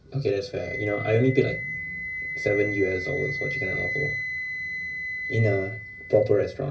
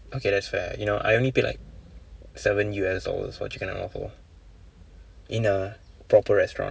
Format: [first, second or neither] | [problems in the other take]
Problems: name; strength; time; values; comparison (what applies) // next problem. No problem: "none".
second | background sound (Wind instrument, woodwind instrument); 6 dB below the speech // room echo; dies away in 0.5 s